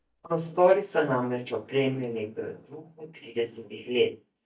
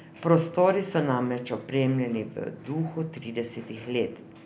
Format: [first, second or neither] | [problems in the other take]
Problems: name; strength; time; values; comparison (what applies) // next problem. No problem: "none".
second | noise reduction (neural mask model DeepFilterNet 3)